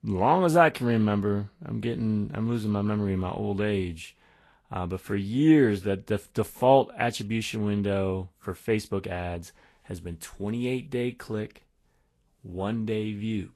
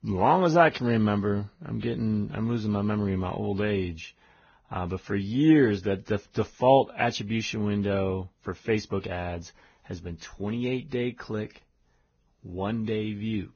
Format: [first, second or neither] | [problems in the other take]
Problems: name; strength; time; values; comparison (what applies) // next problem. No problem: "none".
first | garbled, watery; badly; nothing above 6.5 kHz; slightly in the first